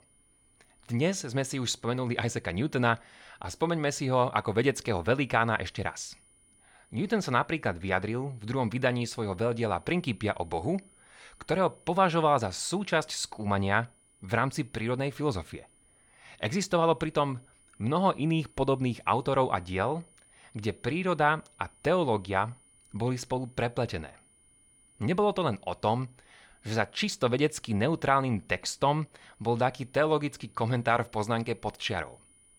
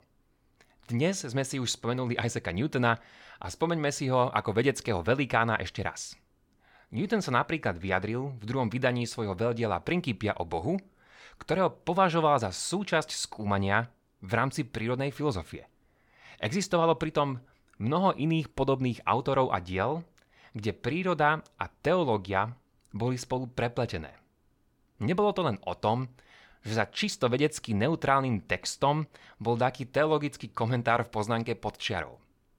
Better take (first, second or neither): second